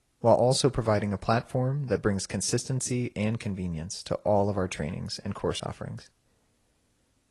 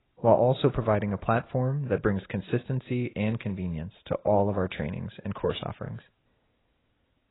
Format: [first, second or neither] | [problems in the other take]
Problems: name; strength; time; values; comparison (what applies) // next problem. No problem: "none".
first | garbled, watery; badly; nothing above 4 kHz; slightly in the first